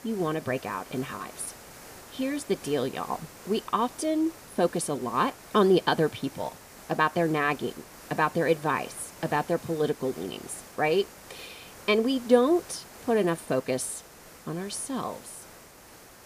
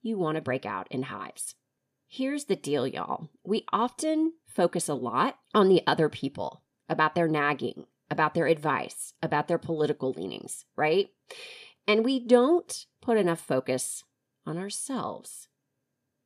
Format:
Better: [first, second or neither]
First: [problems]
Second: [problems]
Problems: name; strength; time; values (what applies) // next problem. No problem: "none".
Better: second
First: hiss; noticeable; throughout; 20 dB below the speech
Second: none